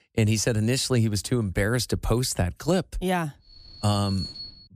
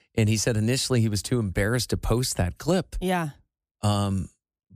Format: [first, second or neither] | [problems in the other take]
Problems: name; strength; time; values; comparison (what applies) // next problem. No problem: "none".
second | alarm; noticeable; from 3.5 s on; peak 9 dB below the speech